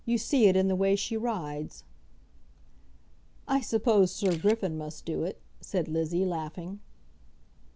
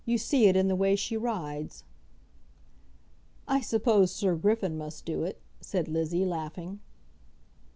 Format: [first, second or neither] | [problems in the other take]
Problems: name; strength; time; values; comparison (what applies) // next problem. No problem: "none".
second | background sound (Camera); 16 dB below the speech